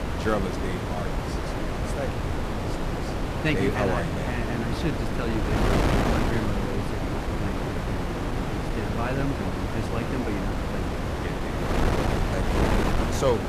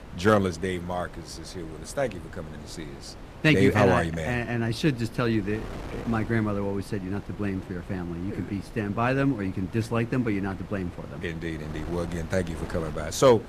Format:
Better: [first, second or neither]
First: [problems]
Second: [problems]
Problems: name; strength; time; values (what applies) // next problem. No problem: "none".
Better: second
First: wind noise on the microphone; heavy; 3 dB above the speech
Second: wind noise on the microphone; occasional gusts; 15 dB below the speech